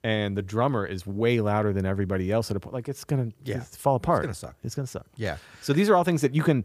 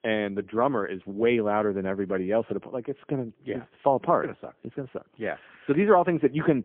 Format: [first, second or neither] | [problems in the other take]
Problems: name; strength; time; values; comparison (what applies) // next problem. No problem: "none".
first | phone-call audio; poor line; nothing above 3.5 kHz